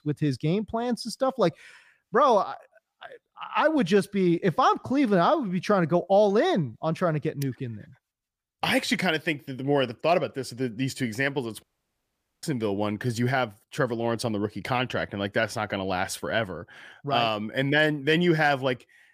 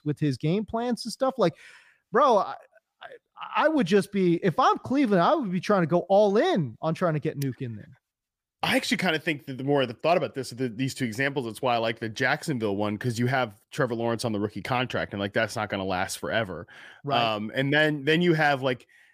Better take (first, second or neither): second